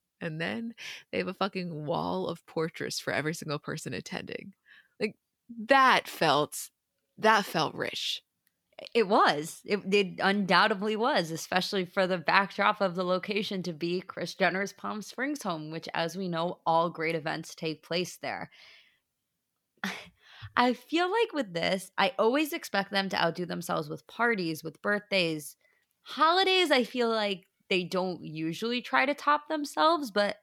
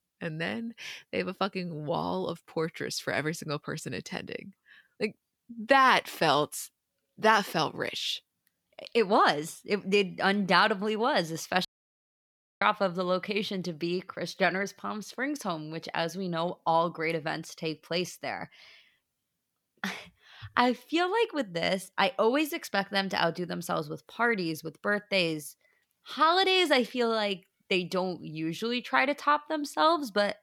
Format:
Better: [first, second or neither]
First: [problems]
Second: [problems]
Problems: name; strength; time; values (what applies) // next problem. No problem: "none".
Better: first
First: none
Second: audio cutting out; at 12 s for 1 s